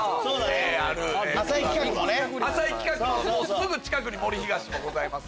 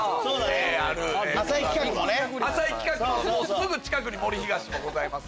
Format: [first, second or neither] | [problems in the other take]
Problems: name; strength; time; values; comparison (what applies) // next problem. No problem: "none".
second | background sound (Snare drum + Keyboard (musical)); 17 dB below the speech